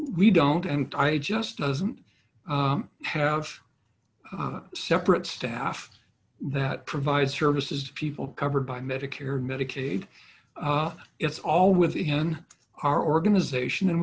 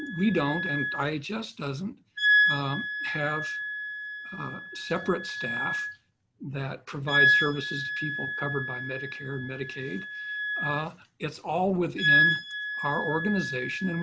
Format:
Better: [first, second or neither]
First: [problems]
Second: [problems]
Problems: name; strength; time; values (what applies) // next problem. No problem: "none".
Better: first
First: none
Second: background sound (Wind instrument, woodwind instrument); 2 dB above the speech